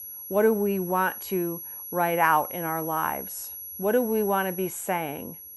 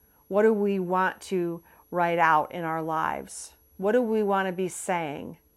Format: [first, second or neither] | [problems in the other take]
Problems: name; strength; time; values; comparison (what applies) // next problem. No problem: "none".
second | high-pitched whine; loud; throughout; 11.5 kHz, 9 dB below the speech; faint in the second